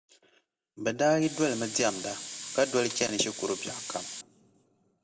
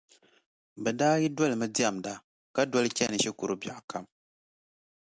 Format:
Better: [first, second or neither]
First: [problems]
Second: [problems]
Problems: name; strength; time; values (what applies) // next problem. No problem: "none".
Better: second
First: background sound (Hiss); 9 dB below the speech // room echo; dies away in 0.4 s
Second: none